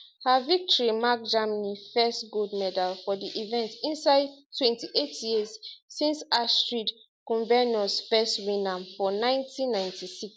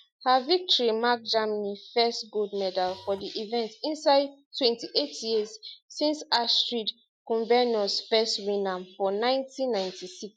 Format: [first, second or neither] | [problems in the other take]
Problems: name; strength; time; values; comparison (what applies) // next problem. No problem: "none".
first | noise reduction (classical method Wiener filter)